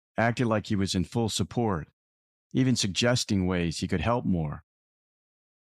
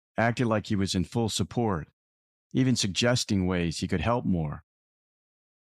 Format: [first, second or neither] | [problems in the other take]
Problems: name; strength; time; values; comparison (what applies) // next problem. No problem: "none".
neither | none